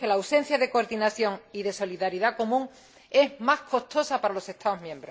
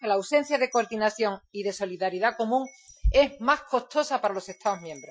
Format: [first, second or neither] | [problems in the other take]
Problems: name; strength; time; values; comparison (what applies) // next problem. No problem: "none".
first | noise reduction (classical method Wiener filter)